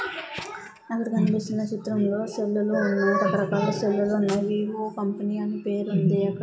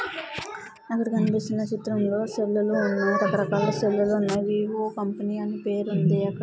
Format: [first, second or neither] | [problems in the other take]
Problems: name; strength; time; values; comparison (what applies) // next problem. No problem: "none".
second | room echo; dies away in 0.6 s